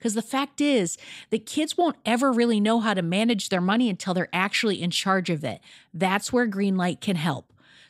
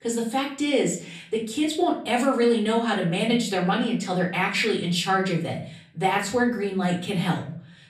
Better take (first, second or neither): first